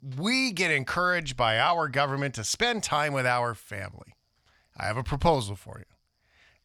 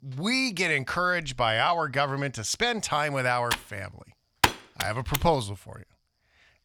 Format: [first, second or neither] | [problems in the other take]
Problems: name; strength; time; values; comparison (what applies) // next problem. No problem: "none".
first | keyboard typing; loud; from 3.5 to 5 s; peak 1 dB above the speech